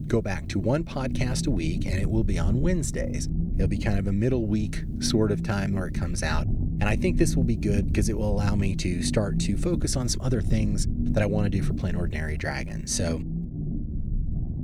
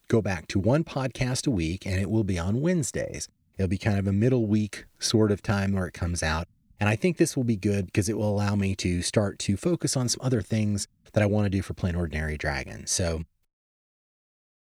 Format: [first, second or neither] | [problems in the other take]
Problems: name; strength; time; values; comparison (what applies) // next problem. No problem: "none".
second | low rumble; loud; throughout; 9 dB below the speech